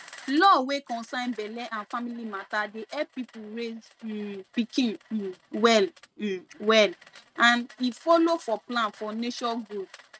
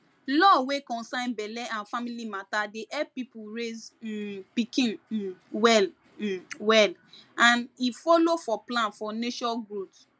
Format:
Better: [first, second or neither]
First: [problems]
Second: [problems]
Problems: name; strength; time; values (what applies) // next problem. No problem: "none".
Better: second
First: noise reduction (neural mask model RNNoise)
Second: none